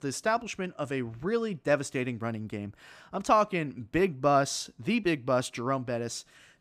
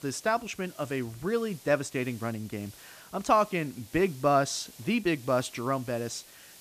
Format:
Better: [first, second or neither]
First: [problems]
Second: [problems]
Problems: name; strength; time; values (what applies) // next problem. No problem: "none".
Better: first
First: none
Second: hiss; faint; throughout; 20 dB below the speech